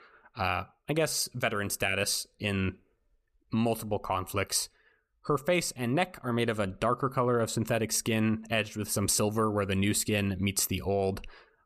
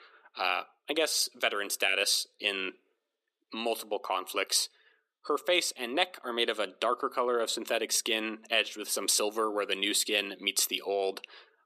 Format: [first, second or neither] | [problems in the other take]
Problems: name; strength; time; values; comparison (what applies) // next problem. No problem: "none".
first | thin; somewhat; fading below 300 Hz